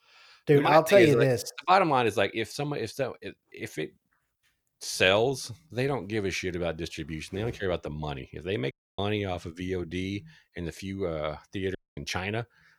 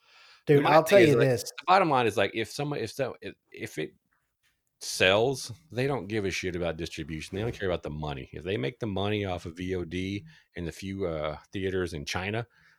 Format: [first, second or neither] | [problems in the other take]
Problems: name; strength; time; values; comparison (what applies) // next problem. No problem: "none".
second | audio cutting out; at 8.5 s and at 12 s